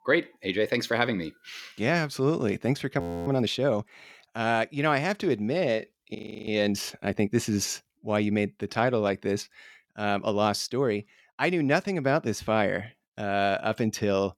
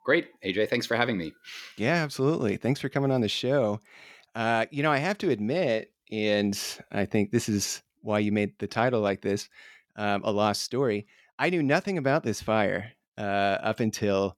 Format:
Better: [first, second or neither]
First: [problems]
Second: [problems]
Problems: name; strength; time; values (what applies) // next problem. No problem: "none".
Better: second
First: audio freezing; at 3 s and at 6 s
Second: none